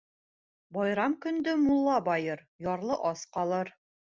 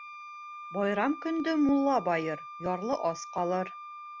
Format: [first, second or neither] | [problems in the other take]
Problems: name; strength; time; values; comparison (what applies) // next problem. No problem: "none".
first | background sound (Wind instrument, woodwind instrument); 13 dB below the speech